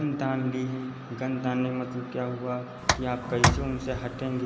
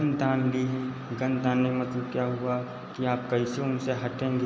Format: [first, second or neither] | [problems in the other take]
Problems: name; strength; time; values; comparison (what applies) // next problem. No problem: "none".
second | background sound (Tick); 2 dB above the speech